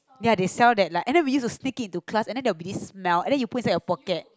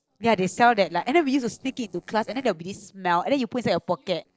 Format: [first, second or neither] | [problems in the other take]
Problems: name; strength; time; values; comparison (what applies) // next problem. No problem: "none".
first | noise reduction (neural separator model SepFormer DNS4)